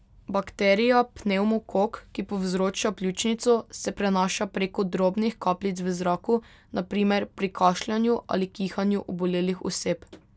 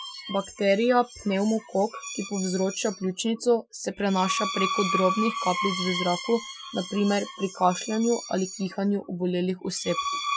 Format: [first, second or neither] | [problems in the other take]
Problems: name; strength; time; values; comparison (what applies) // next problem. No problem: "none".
first | noise reduction (classical method Wiener filter)